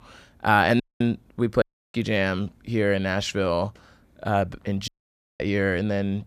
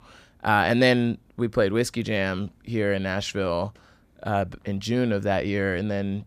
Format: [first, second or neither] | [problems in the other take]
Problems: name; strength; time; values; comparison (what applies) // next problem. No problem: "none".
second | audio cutting out; at 1 s, at 1.5 s and at 5 s for 0.5 s